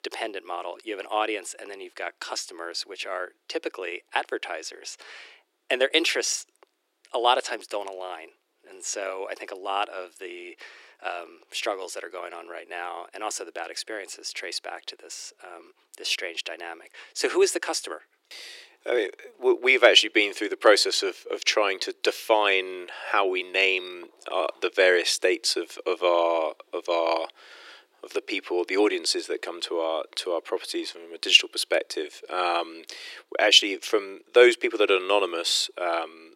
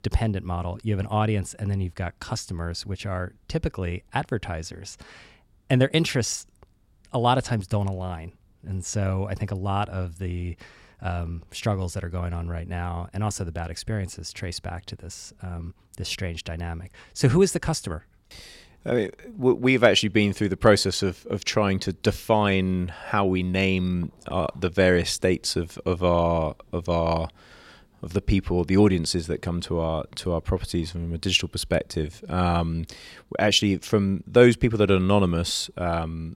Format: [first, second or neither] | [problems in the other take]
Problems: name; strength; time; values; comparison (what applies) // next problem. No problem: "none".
second | thin; very; fading below 350 Hz